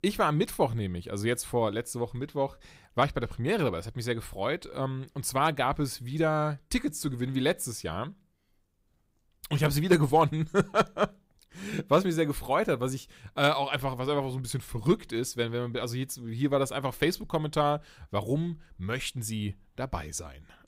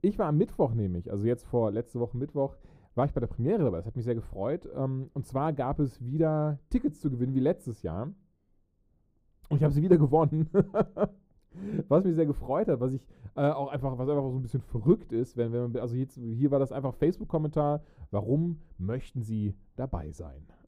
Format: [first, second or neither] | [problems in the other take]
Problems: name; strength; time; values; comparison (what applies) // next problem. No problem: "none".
first | muffled; very; fading above 1 kHz